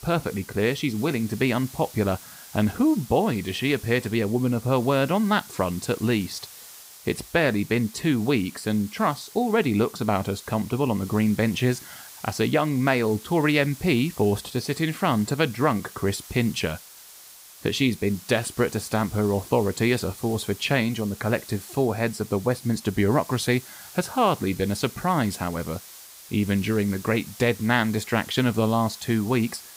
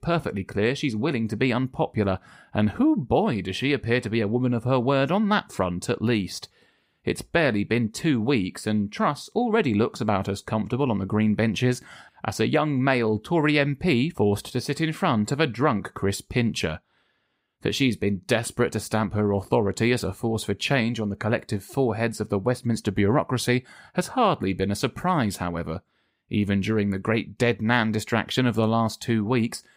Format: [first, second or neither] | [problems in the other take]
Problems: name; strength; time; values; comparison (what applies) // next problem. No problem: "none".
second | hiss; noticeable; throughout; 15 dB below the speech